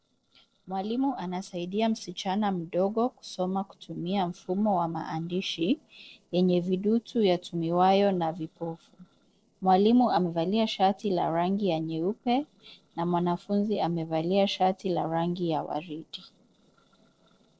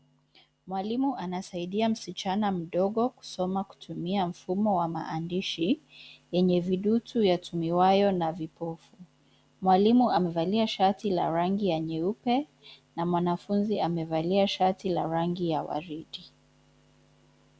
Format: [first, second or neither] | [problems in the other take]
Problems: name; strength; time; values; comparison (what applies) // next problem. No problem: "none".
second | noise reduction (neural separator model SepFormer DNS4)